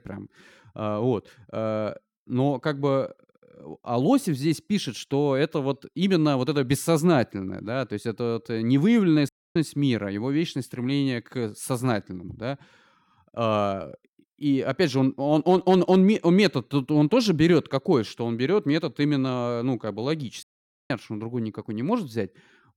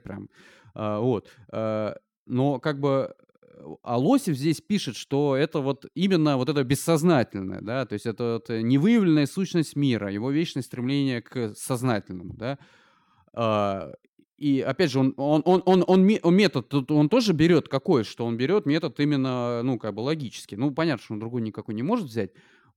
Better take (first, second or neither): second